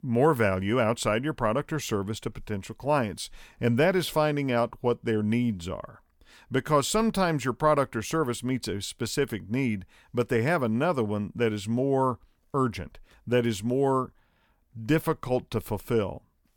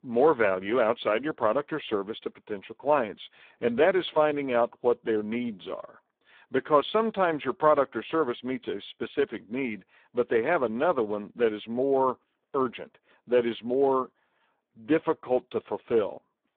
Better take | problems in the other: first | phone-call audio; poor line

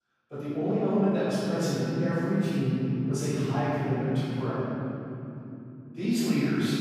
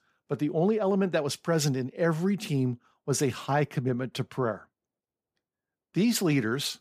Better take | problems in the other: second | off-mic speech; far // room echo; strong; dies away in 3 s

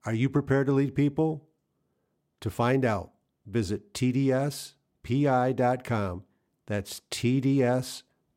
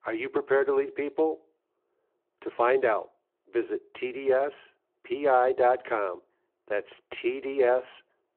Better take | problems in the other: first | phone-call audio

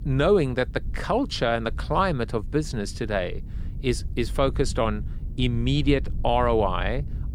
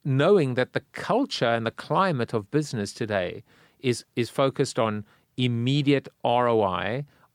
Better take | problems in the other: second | low rumble; faint; throughout; 25 dB below the speech

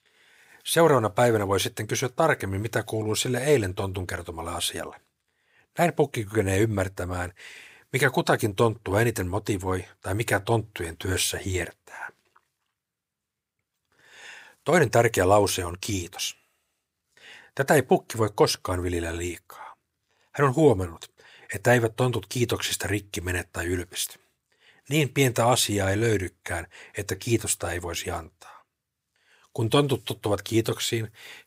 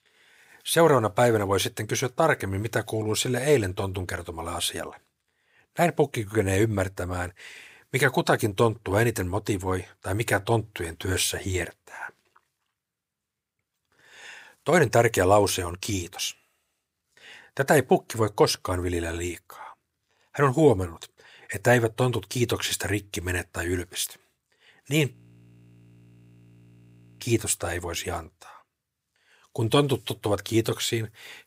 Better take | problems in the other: first | audio freezing; at 25 s for 2 s

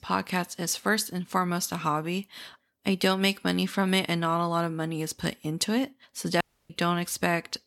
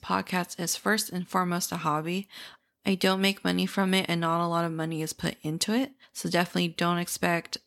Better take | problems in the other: second | audio cutting out; at 6.5 s

